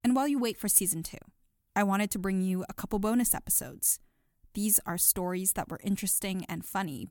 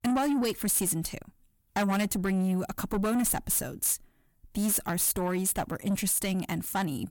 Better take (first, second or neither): first